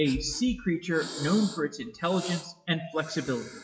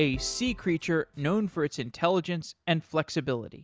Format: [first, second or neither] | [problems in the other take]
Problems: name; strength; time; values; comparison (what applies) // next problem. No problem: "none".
second | noise reduction (classical method WPE with log-MMSE)